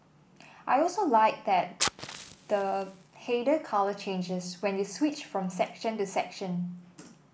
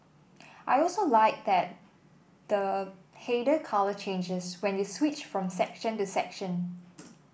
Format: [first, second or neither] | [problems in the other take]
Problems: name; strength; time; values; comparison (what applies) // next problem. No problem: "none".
second | background sound (Fire); 14 dB below the speech